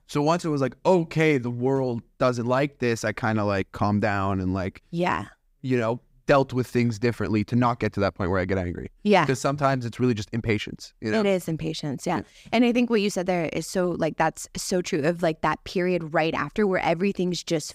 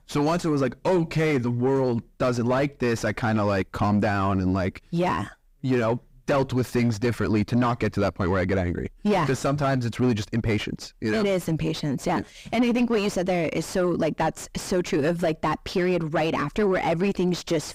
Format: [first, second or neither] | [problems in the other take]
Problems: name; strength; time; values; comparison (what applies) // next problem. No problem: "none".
first | distortion; heavy; 7 dB below the speech